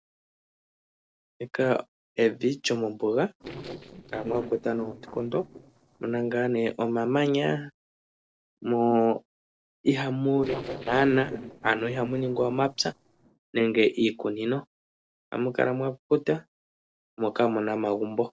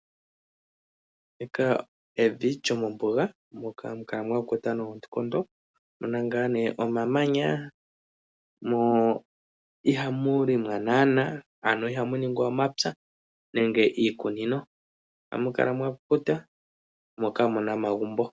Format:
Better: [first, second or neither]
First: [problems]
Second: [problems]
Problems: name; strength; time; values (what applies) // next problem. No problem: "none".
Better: second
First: noise reduction (neural separator model SepFormer DNS4)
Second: none